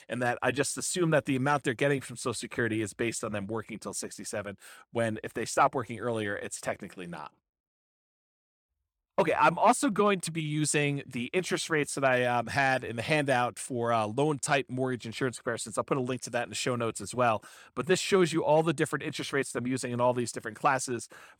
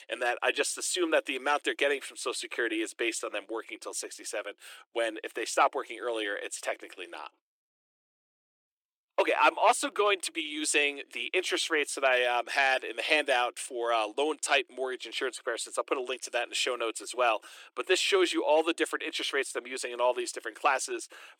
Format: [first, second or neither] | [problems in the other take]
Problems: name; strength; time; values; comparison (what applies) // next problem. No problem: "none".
first | thin; very; fading below 300 Hz